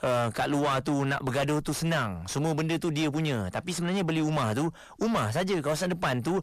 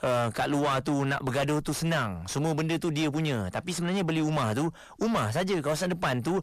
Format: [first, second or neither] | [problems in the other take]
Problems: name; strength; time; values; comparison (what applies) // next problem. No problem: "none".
neither | distortion; heavy; 6 dB below the speech; the same in both